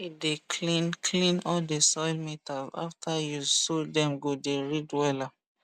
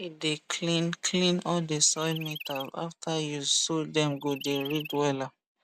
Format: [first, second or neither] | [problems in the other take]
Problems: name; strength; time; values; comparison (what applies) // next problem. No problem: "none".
first | background sound (Chirp, tweet); 13 dB below the speech